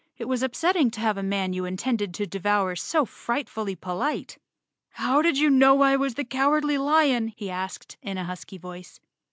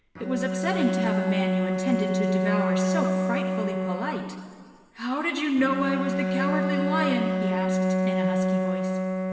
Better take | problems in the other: first | background sound (Bowed string instrument); 3 dB above the speech // room echo; dies away in 2.1 s

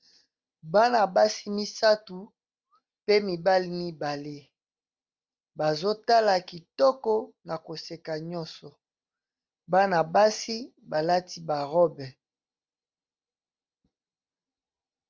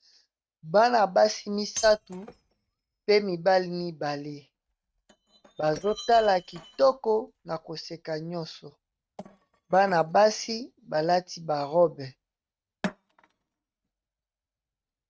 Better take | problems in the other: first | noise reduction (neural mask model RNNoise)

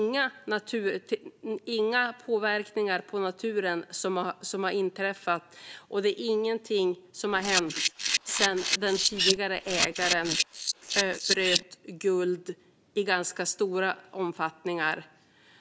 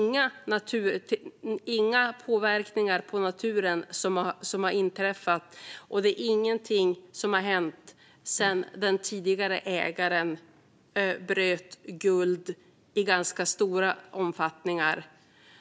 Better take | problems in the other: second | noise reduction (neural mask model Resemble Enhance denoiser)

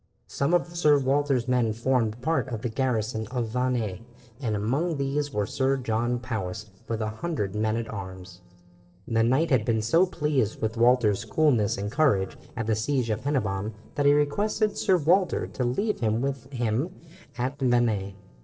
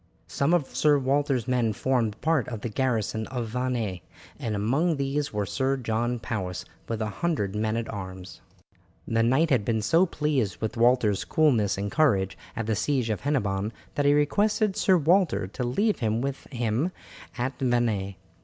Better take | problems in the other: second | noise reduction (neural separator model SepFormer DNS4)

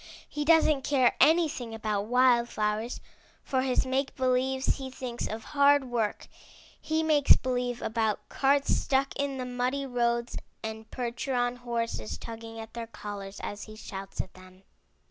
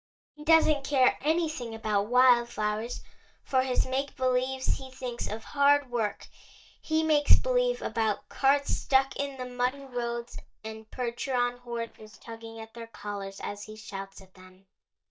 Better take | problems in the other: first | noise reduction (neural mask model DeepFilterNet 3)

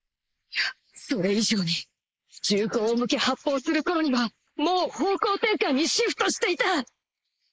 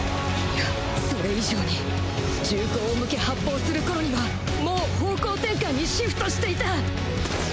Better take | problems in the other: second | noise reduction (neural mask model Resemble Enhance denoiser)

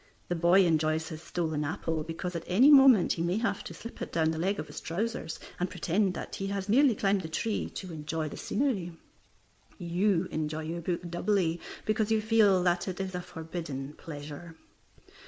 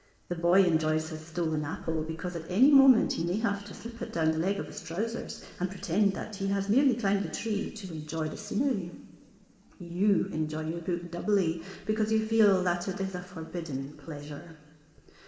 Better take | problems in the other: first | room echo; dies away in 2.1 s

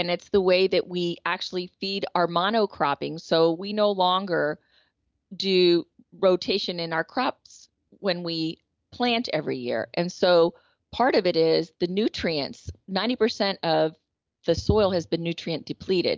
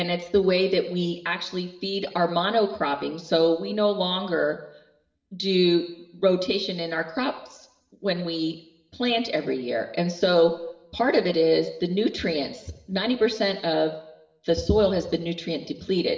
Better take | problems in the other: first | room echo; dies away in 0.8 s

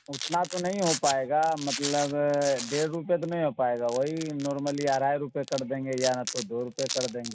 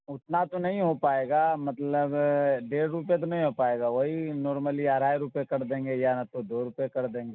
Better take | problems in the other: second | background sound (Domestic sounds, home sounds); 10 dB below the speech

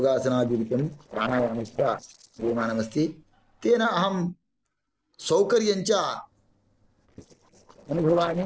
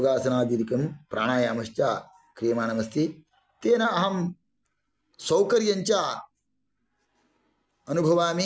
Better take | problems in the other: second | noise reduction (neural separator model SepFormer DNS4)

